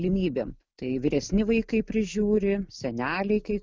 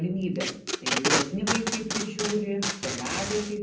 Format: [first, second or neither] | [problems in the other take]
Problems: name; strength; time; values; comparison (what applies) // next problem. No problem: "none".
first | background sound (Packing tape, duct tape); as loud as the speech // room echo; dies away in 0.6 s